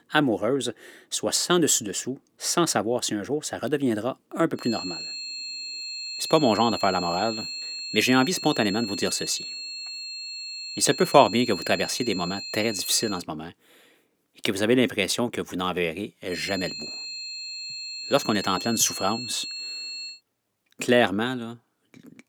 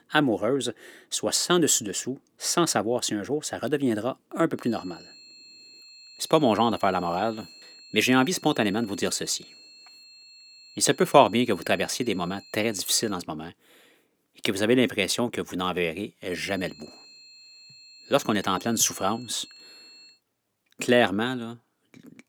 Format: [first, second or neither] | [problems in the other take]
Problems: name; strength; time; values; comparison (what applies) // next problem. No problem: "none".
second | high-pitched whine; loud; from 4.5 to 13 s and from 16 to 20 s; 4 kHz, 8 dB below the speech; faint in the second